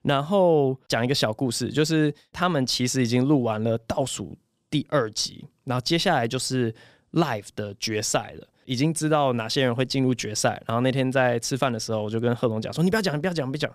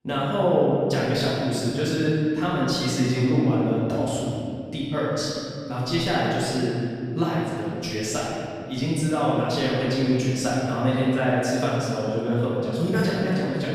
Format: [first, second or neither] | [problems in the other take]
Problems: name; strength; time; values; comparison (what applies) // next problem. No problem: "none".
first | room echo; strong; dies away in 2.4 s // off-mic speech; far